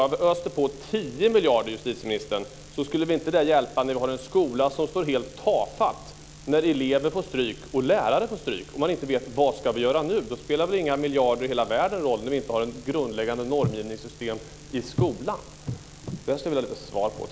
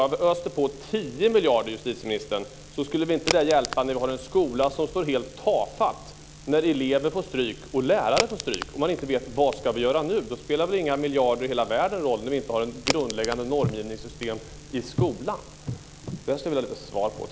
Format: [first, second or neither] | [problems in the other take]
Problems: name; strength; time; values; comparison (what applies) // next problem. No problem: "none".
first | background sound (Crack); 9 dB below the speech